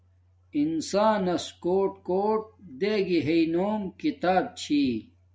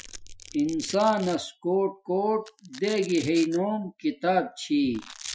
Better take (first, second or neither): first